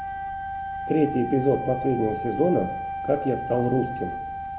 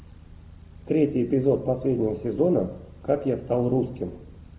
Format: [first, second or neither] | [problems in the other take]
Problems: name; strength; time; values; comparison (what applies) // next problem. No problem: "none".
second | background sound (Wind instrument, woodwind instrument); 6 dB below the speech